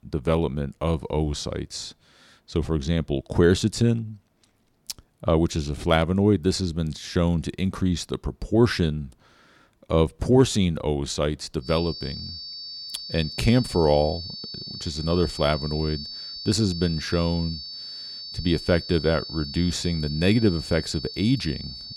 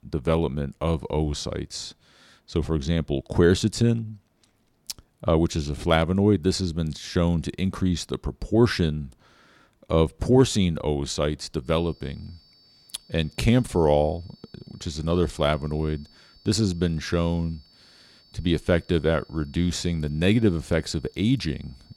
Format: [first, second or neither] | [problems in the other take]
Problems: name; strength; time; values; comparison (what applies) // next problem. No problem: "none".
second | high-pitched whine; loud; from 12 s on; 4.5 kHz, 10 dB below the speech; faint in the second